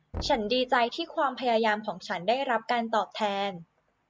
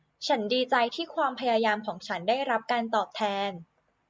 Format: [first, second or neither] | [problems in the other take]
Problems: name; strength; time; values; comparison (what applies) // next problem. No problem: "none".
second | background sound (Knock); 17 dB below the speech